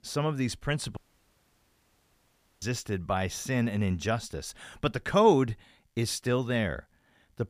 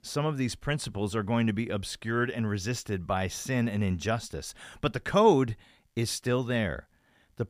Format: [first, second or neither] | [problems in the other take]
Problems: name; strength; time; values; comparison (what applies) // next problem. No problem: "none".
second | audio cutting out; at 1 s for 1.5 s